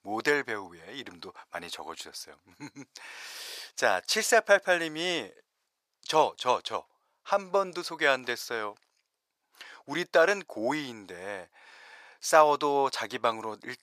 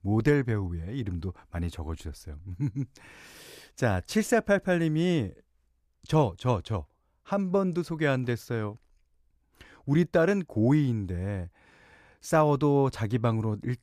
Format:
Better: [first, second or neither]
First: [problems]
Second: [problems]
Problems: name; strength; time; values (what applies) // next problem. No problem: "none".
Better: second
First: thin; very; fading below 750 Hz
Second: none